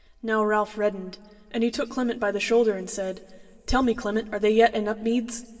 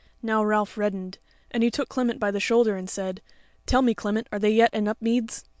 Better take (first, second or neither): second